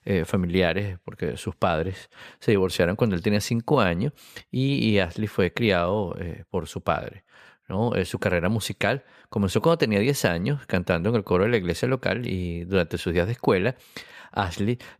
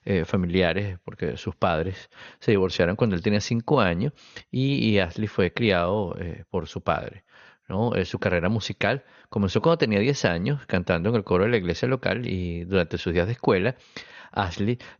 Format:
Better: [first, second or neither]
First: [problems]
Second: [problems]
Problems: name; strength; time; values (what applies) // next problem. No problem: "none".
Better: first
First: none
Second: garbled, watery; slightly; nothing above 6.5 kHz